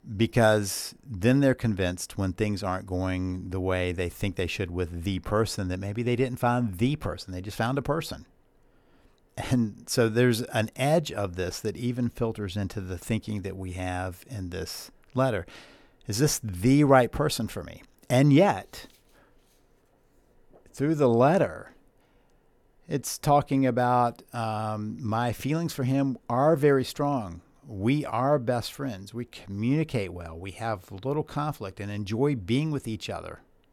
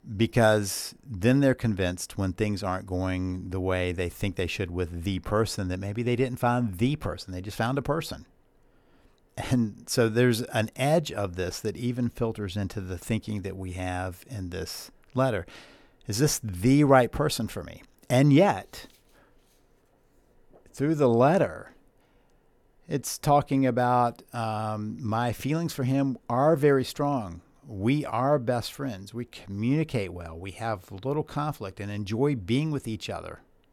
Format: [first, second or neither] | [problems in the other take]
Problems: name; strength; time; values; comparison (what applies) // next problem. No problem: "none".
neither | none